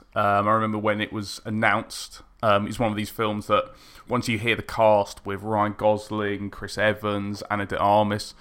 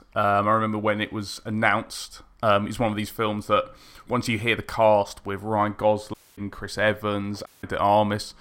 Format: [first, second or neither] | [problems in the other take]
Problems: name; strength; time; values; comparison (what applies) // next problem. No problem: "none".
first | audio cutting out; at 6 s and at 7.5 s